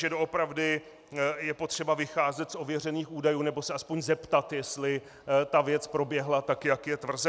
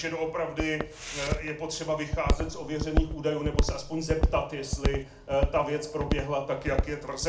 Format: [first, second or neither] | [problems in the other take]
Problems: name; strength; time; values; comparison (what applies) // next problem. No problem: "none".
first | background sound (Walk, footsteps); as loud as the speech // room echo; dies away in 0.4 s